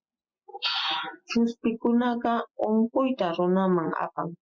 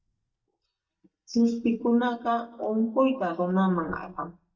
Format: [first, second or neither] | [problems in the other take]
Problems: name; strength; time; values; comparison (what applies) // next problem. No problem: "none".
first | noise reduction (neural mask model DeepFilterNet 3)